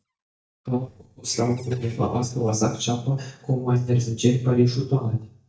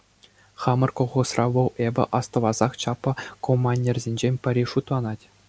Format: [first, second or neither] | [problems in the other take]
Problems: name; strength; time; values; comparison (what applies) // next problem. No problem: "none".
second | noise reduction (neural mask model DeepFilterNet 3)